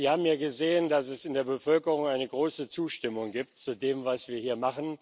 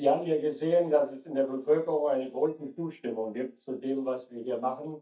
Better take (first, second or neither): first